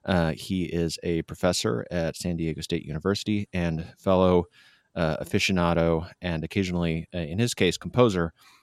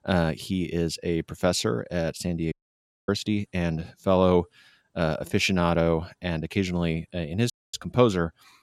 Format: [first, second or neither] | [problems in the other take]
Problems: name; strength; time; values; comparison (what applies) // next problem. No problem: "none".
first | audio cutting out; at 2.5 s for 0.5 s and at 7.5 s